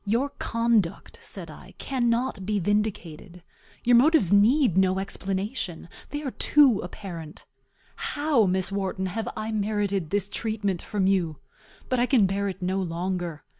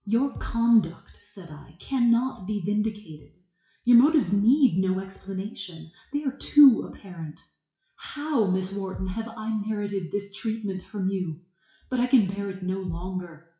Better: first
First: none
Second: noise reduction (classical method WPE with log-MMSE)

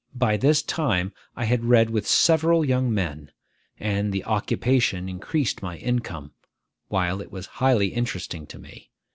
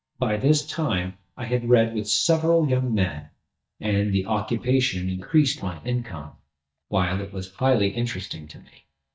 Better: first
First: none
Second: noise reduction (neural mask model DeepFilterNet 3)

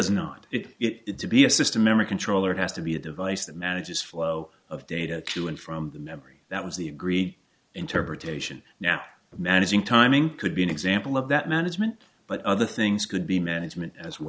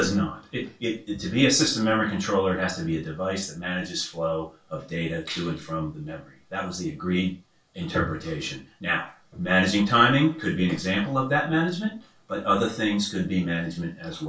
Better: first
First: none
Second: room echo; dies away in 0.2 s

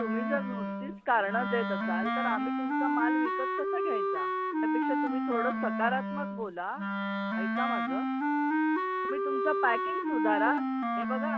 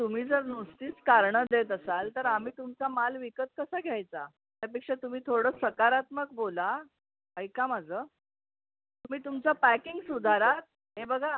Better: second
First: background sound (Wind instrument, woodwind instrument); 4 dB above the speech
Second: none

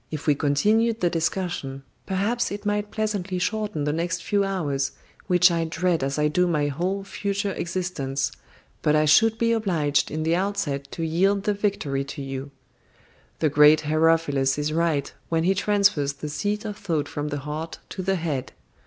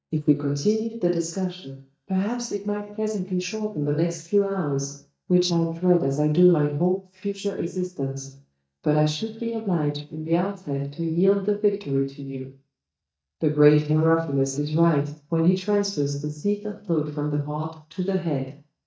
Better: first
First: none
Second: noise reduction (neural mask model DeepFilterNet 3)

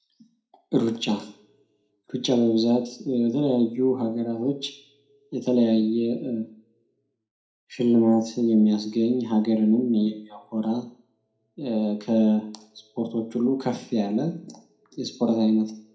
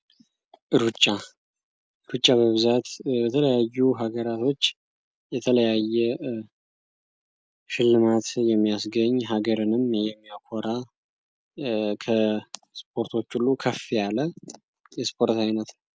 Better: second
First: room echo; dies away in 0.4 s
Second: none

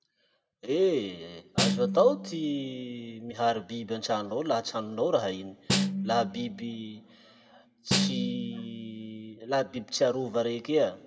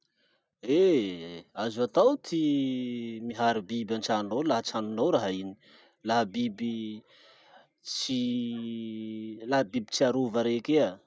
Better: second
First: background sound (Snare drum); 3 dB below the speech // room echo; dies away in 0.8 s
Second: none

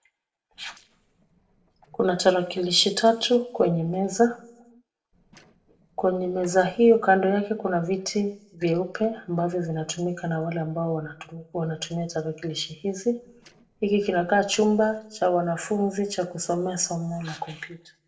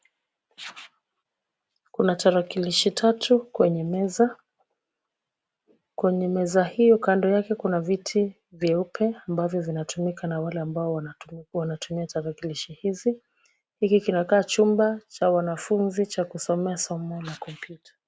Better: second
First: noise reduction (neural separator model SepFormer DNS4)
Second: none

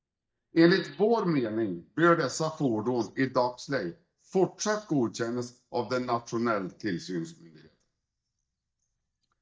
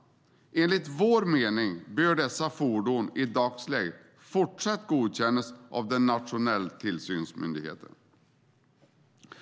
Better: second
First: noise reduction (neural mask model DeepFilterNet 3)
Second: none

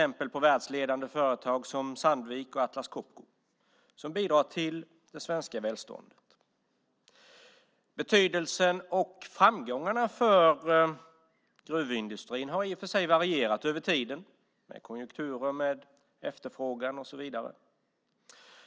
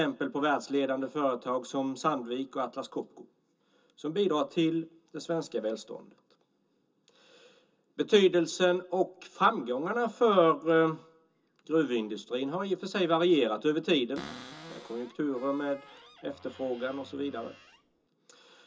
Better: first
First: none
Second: background sound (Cupboard open or close); 19 dB below the speech // room echo; dies away in 0.2 s

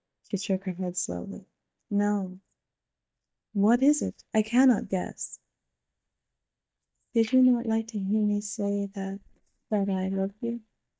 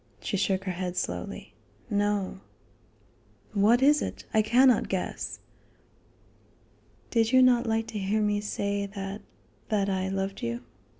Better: second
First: noise reduction (neural mask model DeepFilterNet 3)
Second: none

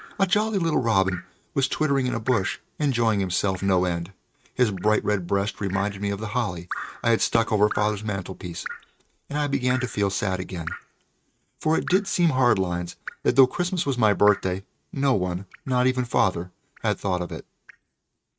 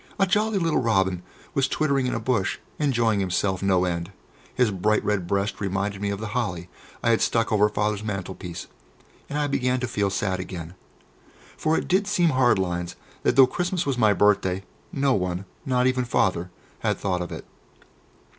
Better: second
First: noise reduction (neural mask model RNNoise)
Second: none

